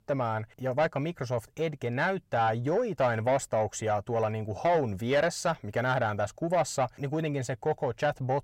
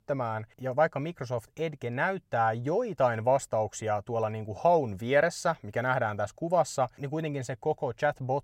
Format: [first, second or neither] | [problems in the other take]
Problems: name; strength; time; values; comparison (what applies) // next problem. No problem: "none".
second | distortion; slight; 10 dB below the speech